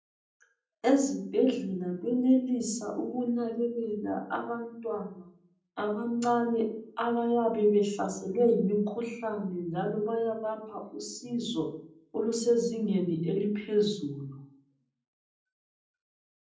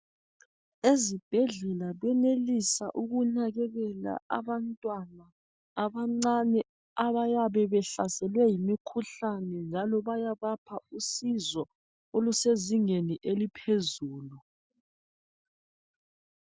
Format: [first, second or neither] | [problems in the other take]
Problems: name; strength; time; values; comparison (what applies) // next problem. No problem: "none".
second | room echo; dies away in 0.6 s